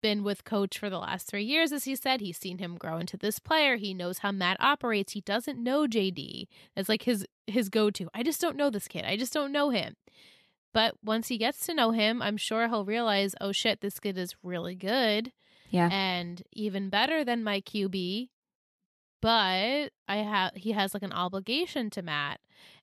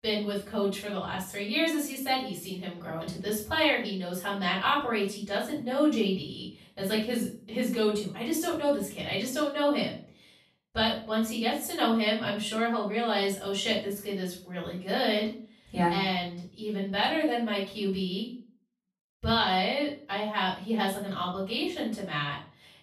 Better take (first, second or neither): first